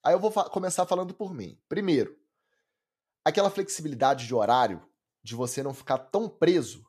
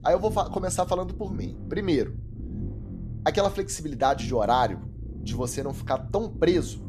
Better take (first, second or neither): first